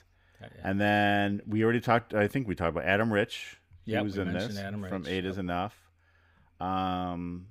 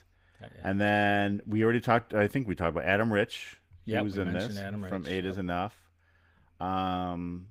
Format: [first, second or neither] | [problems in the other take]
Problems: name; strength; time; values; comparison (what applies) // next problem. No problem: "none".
first | garbled, watery; slightly; nothing above 15.5 kHz